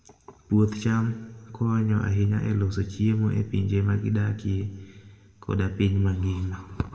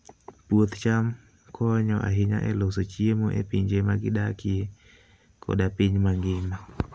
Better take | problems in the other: second | room echo; dies away in 1.3 s

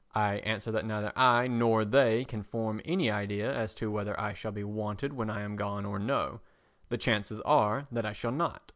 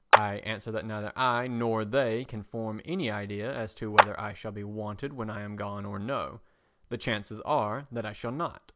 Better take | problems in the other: first | background sound (Clapping); 4 dB above the speech

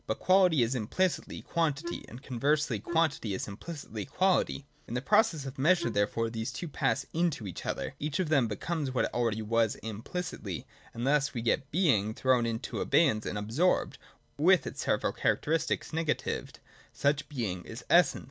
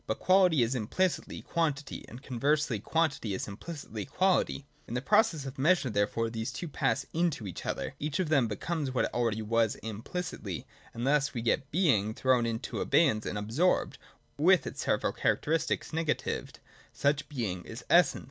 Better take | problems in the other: second | background sound (Wind instrument, woodwind instrument); 11 dB below the speech

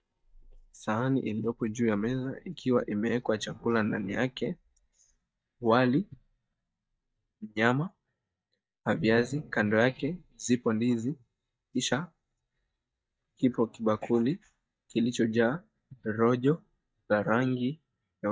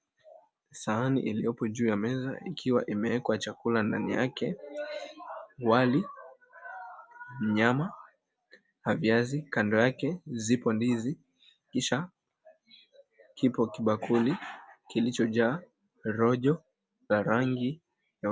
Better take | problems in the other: second | noise reduction (neural mask model DeepFilterNet 3)

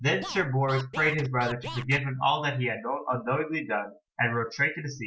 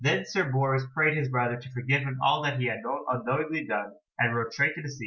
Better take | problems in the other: second | background sound (Scratching (performance technique)); 12 dB below the speech

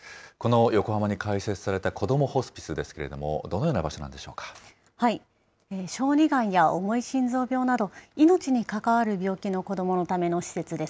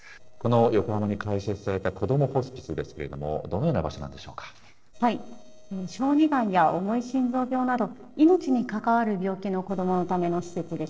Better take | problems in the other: first | noise reduction (neural separator model SepFormer DNS4)

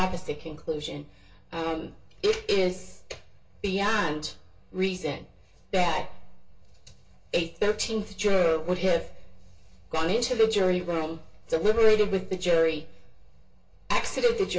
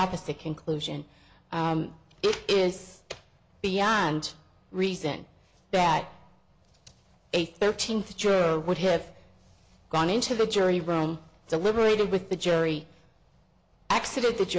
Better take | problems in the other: second | room echo; dies away in 0.2 s

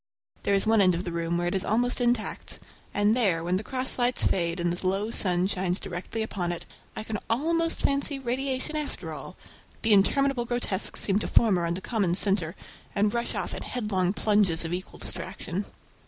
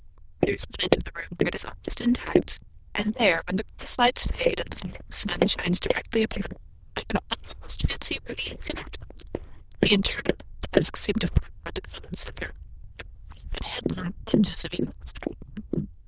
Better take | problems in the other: first | noise reduction (neural diffusion model UNIVERSE++)

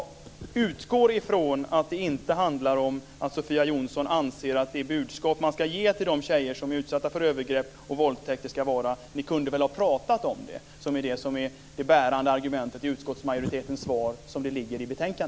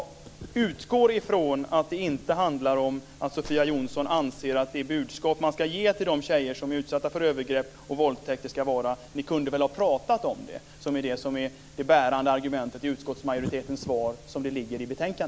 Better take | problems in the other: first | background sound (Gunshot, gunfire); 14 dB below the speech

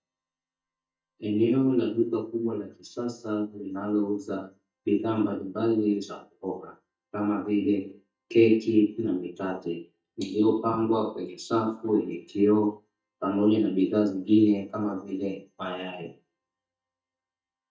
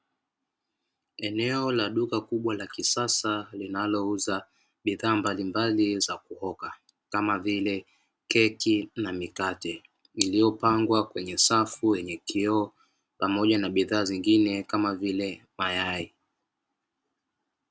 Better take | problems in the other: second | noise reduction (neural mask model DeepFilterNet 3)

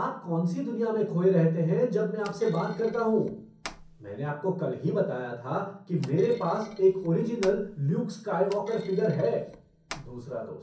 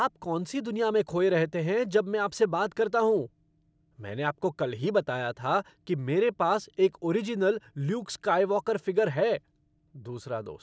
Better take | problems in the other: second | background sound (Thump, thud); 20 dB below the speech // room echo; dies away in 0.6 s

